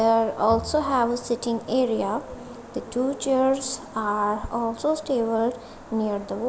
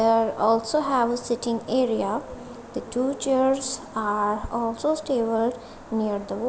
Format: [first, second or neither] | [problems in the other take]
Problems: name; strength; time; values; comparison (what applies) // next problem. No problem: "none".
second | background sound (Bowed string instrument); 16 dB below the speech